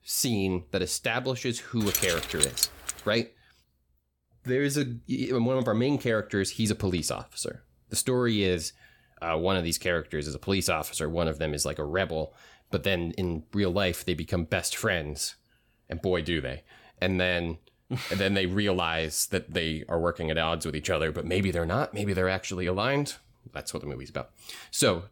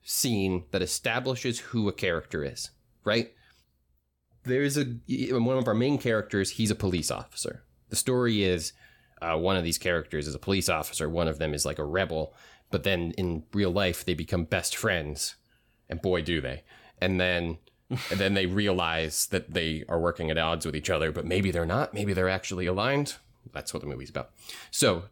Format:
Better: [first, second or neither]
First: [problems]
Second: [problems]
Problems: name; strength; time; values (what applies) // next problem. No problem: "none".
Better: second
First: jangling keys; loud; from 2 to 3 s; peak 4 dB above the speech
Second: none